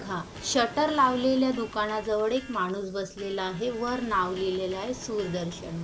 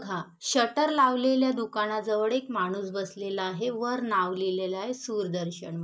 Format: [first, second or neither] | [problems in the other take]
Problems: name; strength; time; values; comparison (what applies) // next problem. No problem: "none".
second | background sound (Waves, surf + Electric guitar); 16 dB below the speech